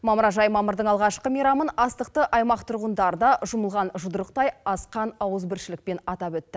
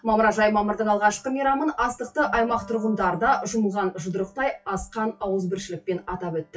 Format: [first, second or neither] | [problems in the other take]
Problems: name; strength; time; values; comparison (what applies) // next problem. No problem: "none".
first | noise reduction (classical method WPE with log-MMSE)